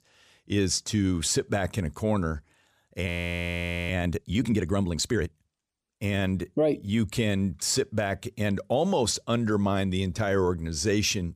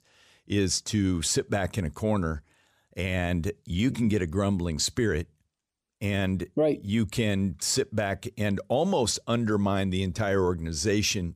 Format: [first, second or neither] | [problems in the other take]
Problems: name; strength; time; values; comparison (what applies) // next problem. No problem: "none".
second | audio freezing; at 3 s for 1 s